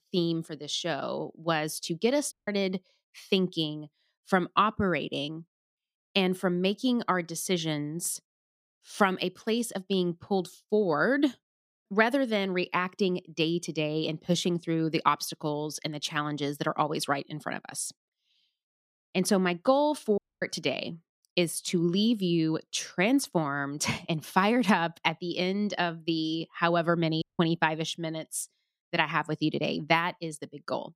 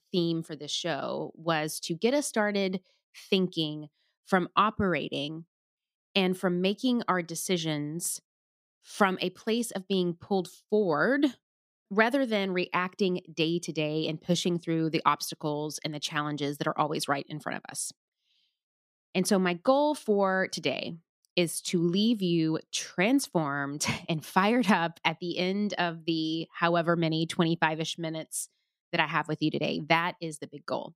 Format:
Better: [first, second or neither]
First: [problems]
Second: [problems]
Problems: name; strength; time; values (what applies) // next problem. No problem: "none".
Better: second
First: audio cutting out; at 2.5 s, at 20 s and at 27 s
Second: none